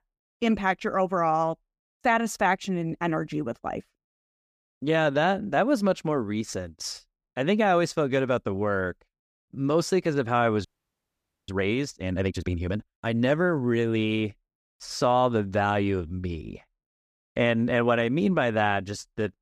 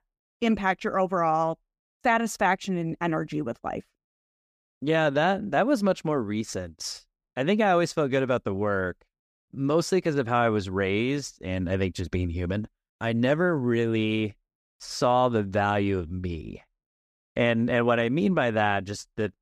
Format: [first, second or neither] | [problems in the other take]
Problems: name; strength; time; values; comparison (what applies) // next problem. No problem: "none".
second | audio freezing; at 11 s for 1 s